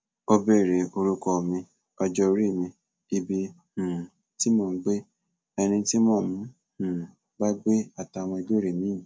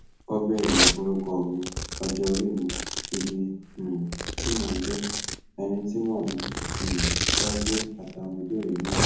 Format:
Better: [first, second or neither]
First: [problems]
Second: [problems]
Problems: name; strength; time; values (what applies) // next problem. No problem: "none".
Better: first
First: none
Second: background sound (Domestic sounds, home sounds); as loud as the speech // room echo; dies away in 0.7 s